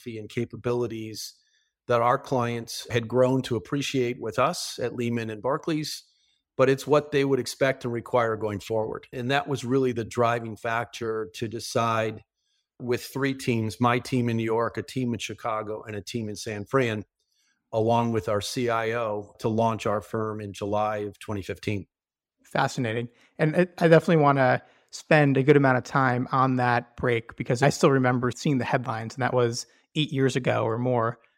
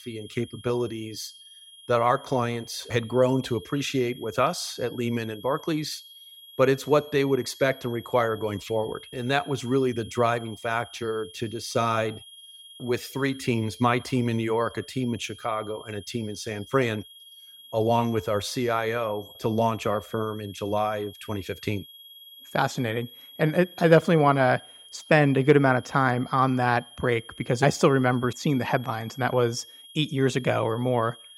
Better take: first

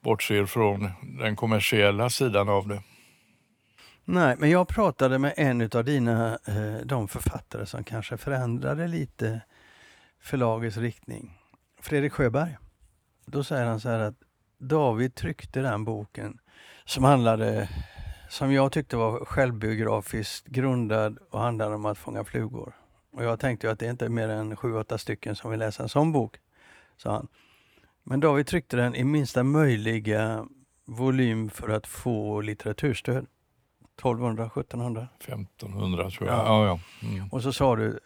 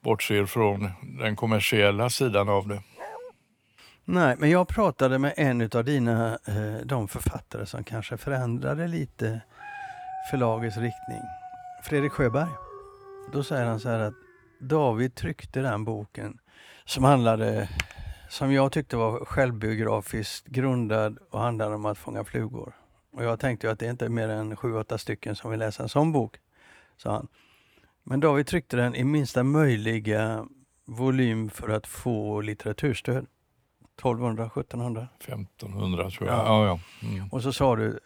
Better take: first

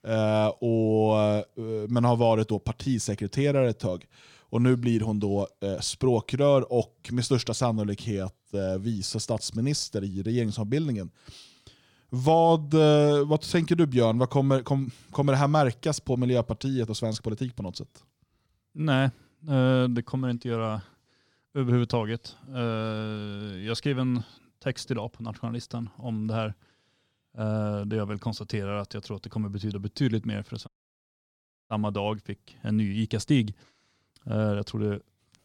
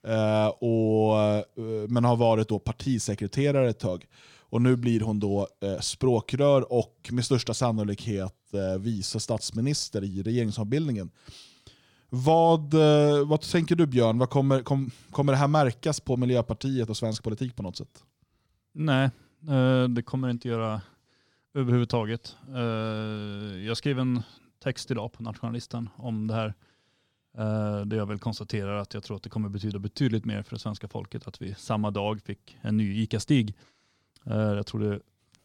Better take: second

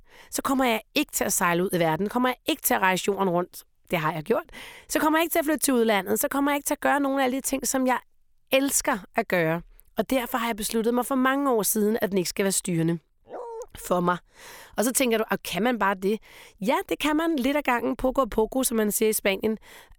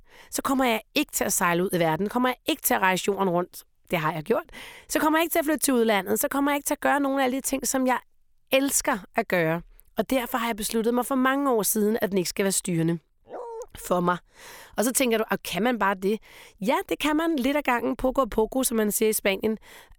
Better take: neither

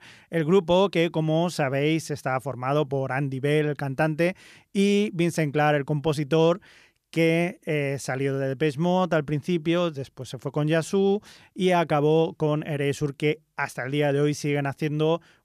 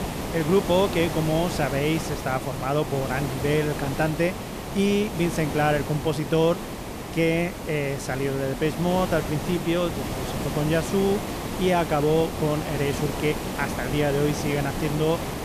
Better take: first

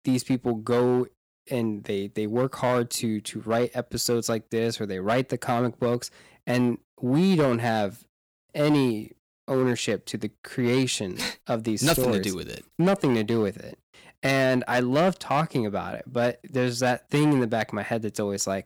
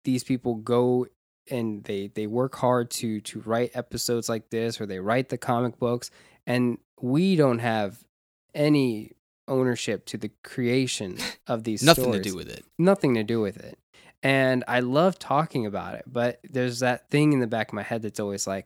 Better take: second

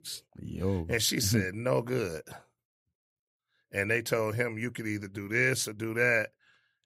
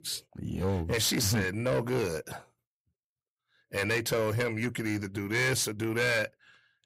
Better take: first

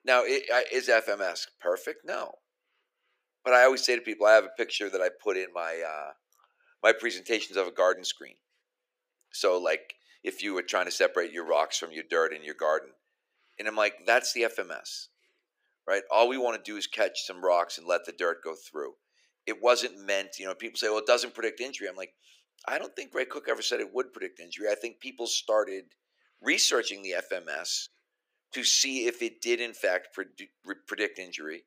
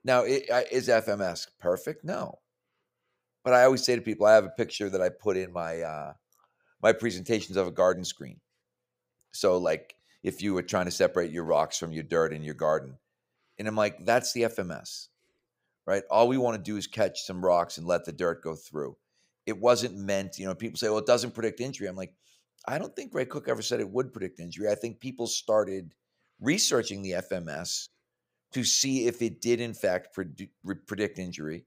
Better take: second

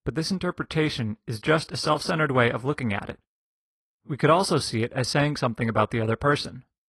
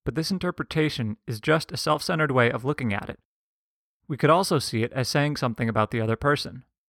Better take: second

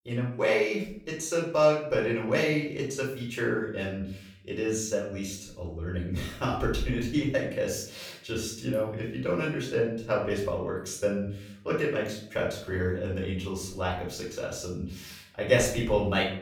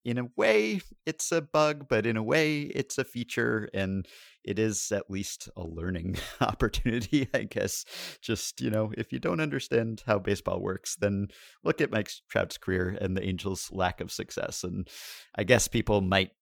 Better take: second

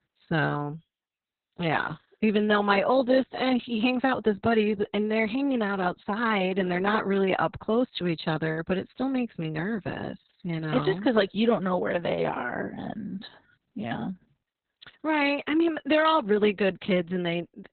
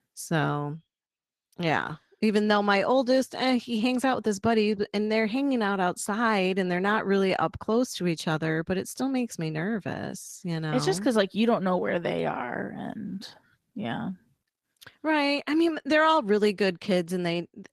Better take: second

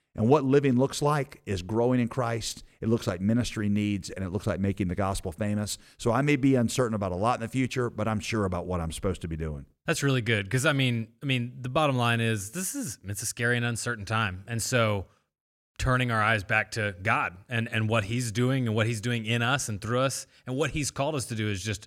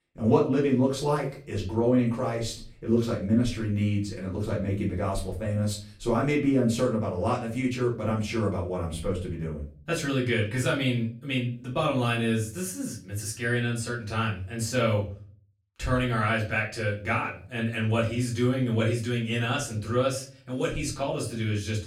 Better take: first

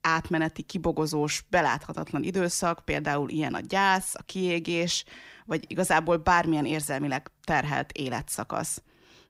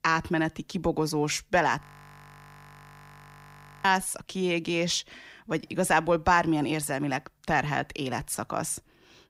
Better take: first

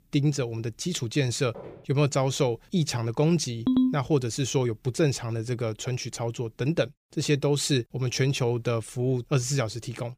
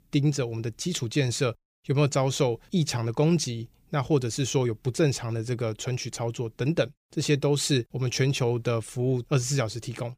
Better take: second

